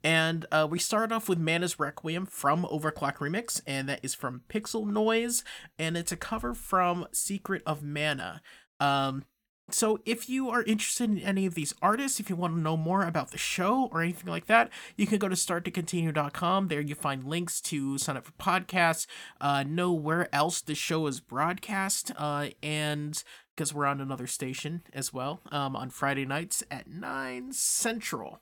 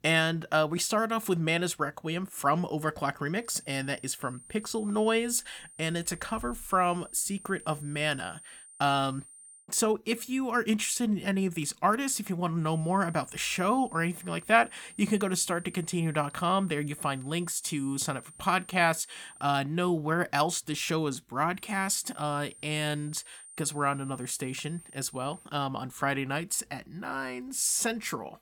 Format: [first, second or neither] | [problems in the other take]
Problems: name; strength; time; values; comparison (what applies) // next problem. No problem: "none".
first | high-pitched whine; noticeable; from 3.5 to 9.5 s, from 13 to 19 s and from 22 to 25 s; 9 kHz, 20 dB below the speech